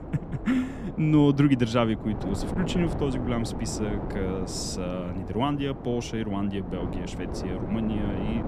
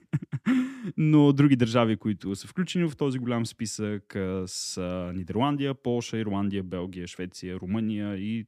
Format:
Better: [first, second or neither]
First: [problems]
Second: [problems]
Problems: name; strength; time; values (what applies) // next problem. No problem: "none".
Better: second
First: wind noise on the microphone; heavy; 7 dB below the speech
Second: none